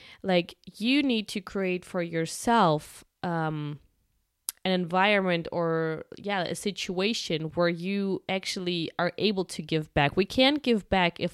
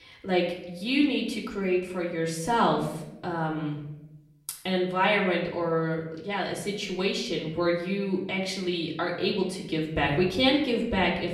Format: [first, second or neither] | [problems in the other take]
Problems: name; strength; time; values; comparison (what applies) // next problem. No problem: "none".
first | off-mic speech; far // room echo; slight; dies away in 0.7 s